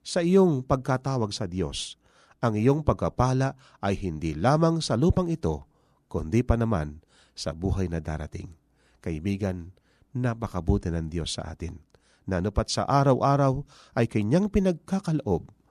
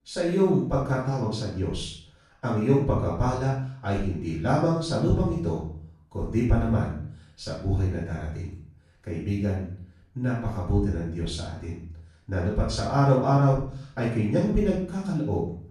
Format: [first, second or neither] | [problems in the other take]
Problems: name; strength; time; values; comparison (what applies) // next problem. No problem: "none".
first | off-mic speech; far // room echo; noticeable; dies away in 0.5 s